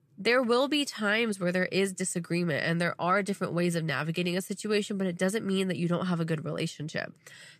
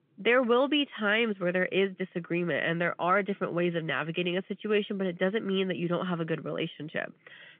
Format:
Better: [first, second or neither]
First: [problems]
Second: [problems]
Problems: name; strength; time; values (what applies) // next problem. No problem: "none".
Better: first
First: none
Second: phone-call audio; nothing above 3.5 kHz